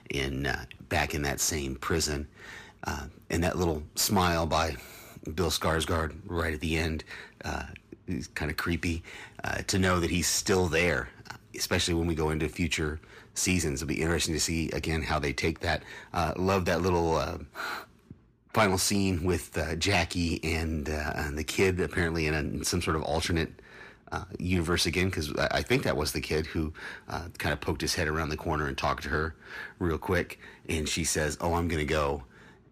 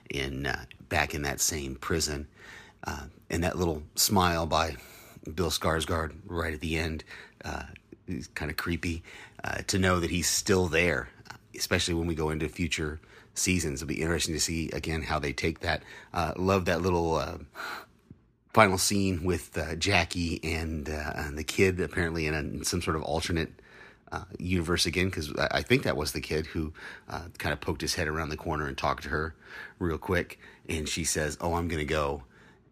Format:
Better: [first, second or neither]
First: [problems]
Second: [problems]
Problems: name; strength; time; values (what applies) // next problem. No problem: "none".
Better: second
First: distortion; slight; 10 dB below the speech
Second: none